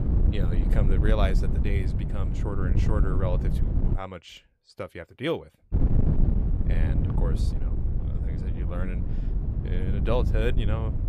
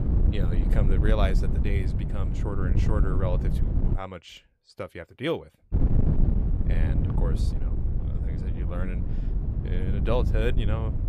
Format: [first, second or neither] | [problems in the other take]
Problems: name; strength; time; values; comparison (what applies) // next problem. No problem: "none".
neither | wind noise on the microphone; heavy; until 4 s and from 5.5 s on; 5 dB below the speech; the same in both